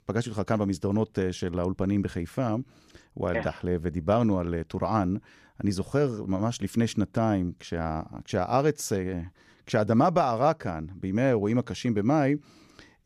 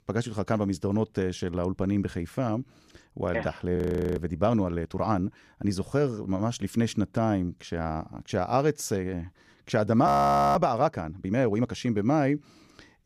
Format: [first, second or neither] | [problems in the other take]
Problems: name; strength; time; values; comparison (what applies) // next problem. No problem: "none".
first | audio freezing; at 4 s and at 10 s